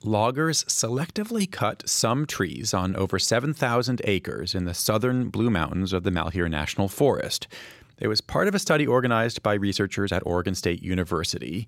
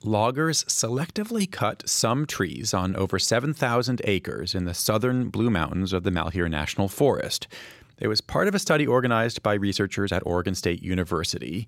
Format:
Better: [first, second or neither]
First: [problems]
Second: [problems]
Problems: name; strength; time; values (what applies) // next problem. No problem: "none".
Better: neither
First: none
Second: none